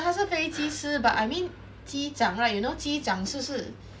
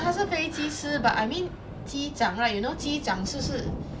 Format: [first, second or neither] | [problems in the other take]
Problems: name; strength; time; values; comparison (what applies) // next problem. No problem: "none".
first | background sound (Thunder); 8 dB below the speech